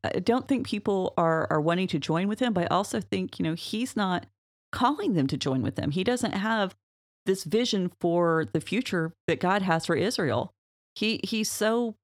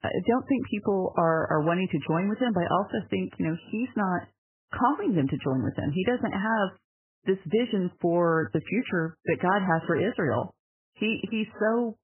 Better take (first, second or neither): first